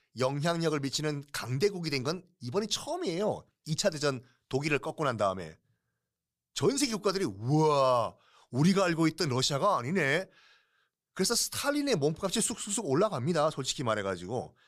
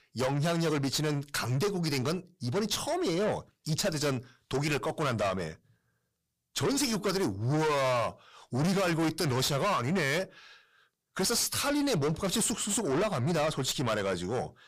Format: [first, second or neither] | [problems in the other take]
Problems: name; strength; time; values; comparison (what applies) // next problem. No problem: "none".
first | distortion; heavy; 6 dB below the speech